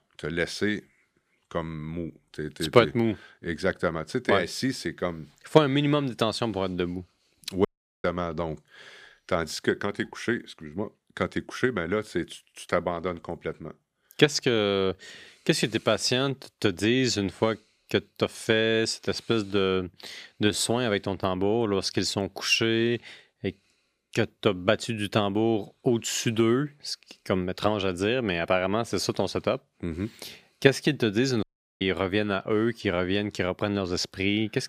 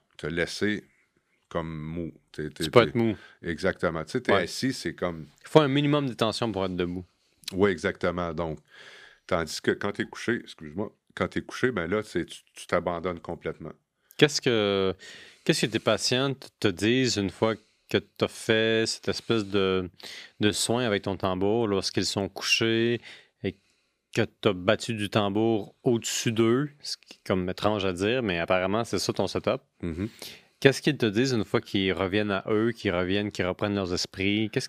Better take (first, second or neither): second